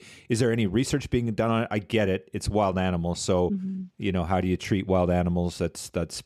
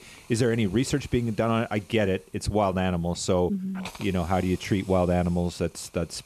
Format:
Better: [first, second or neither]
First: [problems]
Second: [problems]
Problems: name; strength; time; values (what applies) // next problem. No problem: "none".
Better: first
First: none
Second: hiss; faint; throughout; 20 dB below the speech